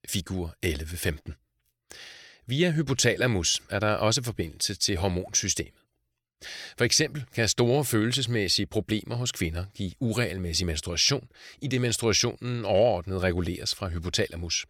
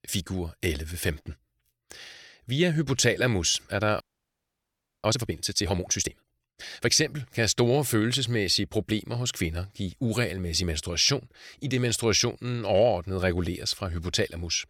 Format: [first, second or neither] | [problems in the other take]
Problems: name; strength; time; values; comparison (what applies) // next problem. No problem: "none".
first | audio freezing; at 4 s for 1 s